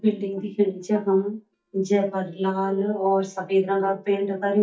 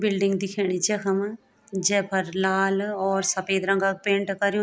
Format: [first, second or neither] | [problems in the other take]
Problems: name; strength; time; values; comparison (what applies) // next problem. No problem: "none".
second | noise reduction (neural mask model DeepFilterNet 3)